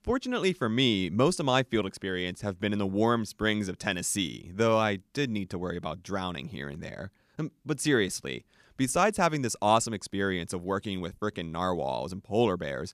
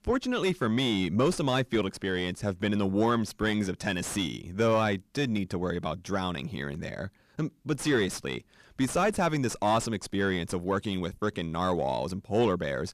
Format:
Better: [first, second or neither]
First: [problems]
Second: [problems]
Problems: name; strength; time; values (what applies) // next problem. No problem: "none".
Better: first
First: none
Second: distortion; slight; 9 dB below the speech